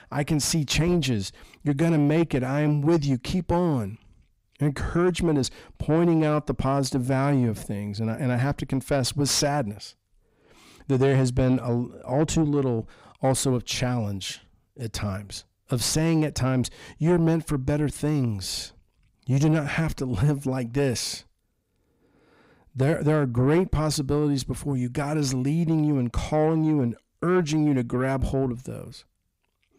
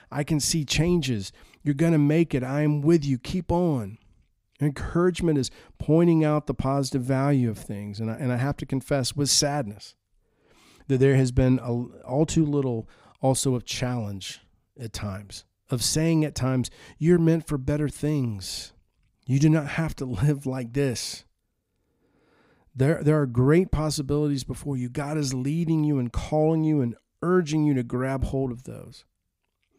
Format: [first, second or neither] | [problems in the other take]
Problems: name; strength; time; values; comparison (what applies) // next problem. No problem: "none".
second | distortion; slight; 10 dB below the speech